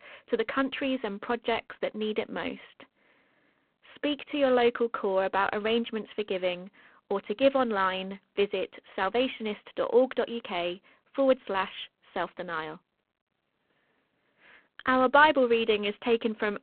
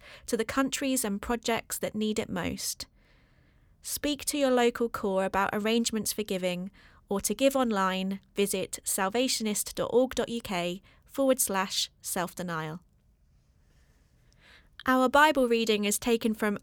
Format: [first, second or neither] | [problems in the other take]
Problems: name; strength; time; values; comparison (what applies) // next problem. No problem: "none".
second | phone-call audio; poor line